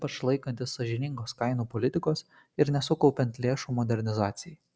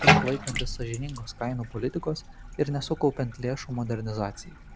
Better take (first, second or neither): first